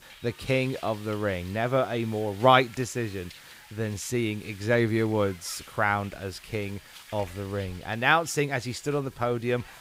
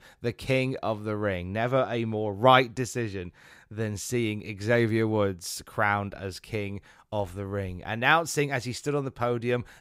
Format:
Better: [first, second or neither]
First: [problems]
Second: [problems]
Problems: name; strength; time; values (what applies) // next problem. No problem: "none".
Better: second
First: hiss; faint; throughout; 20 dB below the speech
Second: none